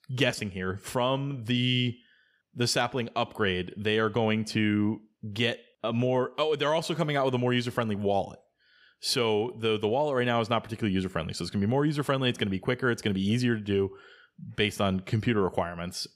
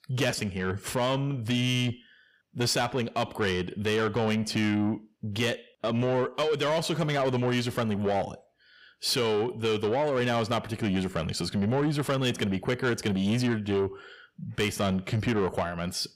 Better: first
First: none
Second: distortion; slight; 10 dB below the speech

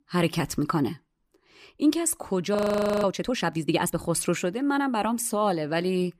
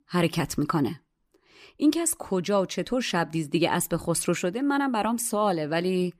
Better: second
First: audio freezing; at 2.5 s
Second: none

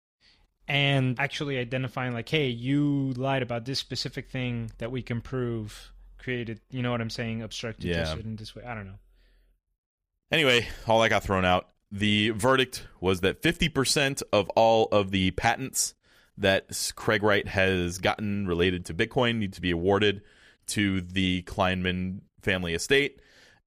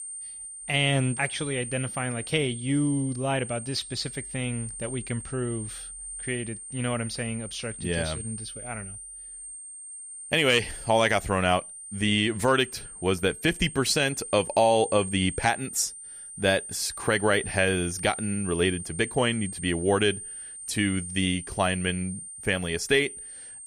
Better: first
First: none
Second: high-pitched whine; loud; throughout; 8.5 kHz, 10 dB below the speech

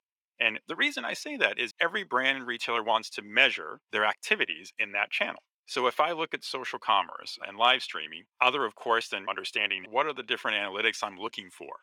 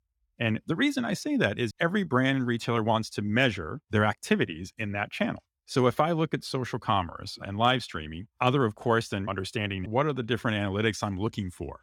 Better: second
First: thin; very; fading below 500 Hz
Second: none

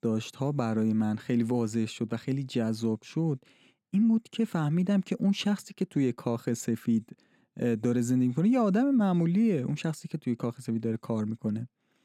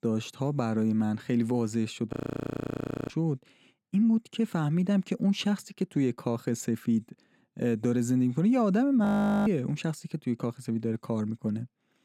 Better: first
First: none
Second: audio freezing; at 2 s for 1 s and at 9 s

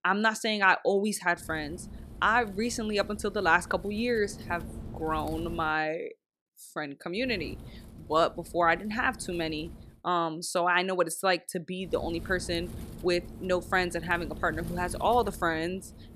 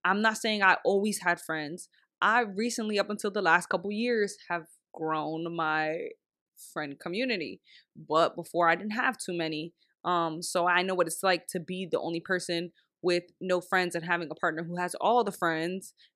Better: second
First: wind noise on the microphone; occasional gusts; from 1.5 to 5.5 s, from 7.5 to 10 s and from 12 s on; 25 dB below the speech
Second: none

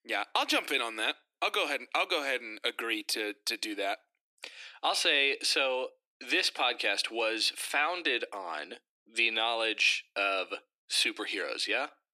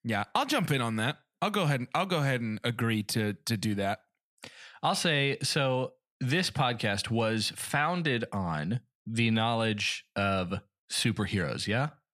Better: second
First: thin; very; fading below 300 Hz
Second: none

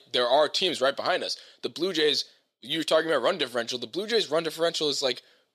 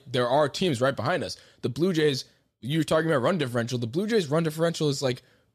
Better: second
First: thin; somewhat; fading below 400 Hz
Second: none

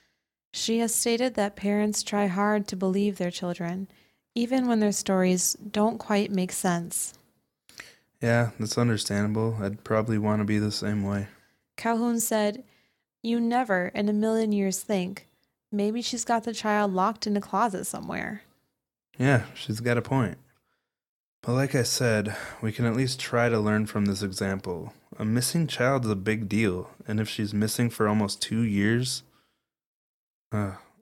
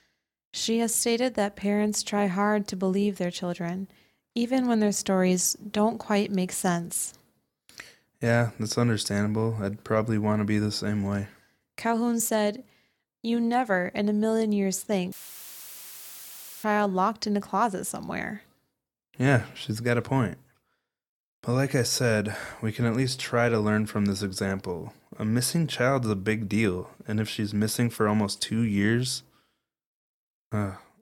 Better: first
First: none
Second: audio cutting out; filled with static; at 15 s for 1.5 s

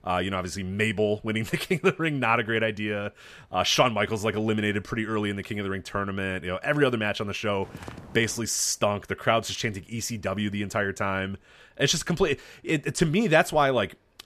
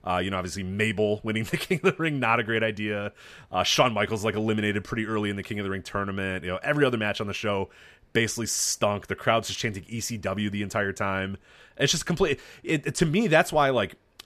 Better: second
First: footsteps; faint; at 7.5 s; peak 15 dB below the speech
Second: none

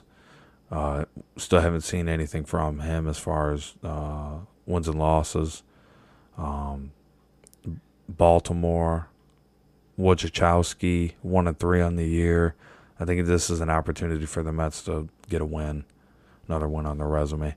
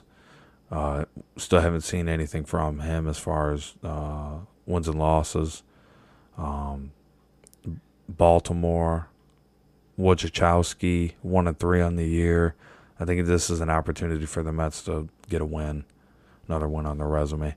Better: neither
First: none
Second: none

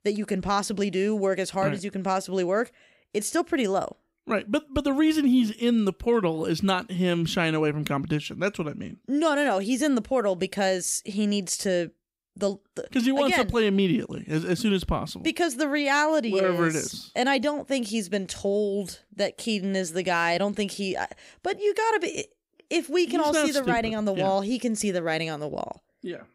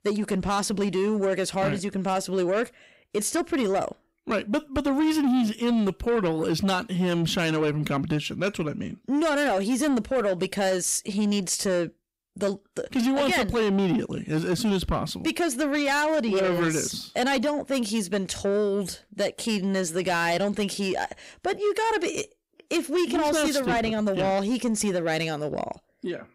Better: first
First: none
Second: distortion; slight; 10 dB below the speech

